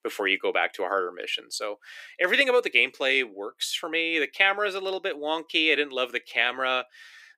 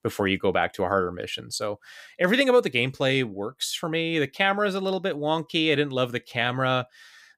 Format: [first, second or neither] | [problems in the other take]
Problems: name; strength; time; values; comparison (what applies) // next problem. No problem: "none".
second | thin; somewhat; fading below 350 Hz